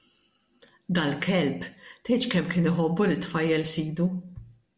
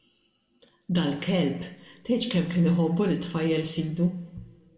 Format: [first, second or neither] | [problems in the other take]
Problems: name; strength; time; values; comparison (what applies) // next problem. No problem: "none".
first | room echo; dies away in 1.4 s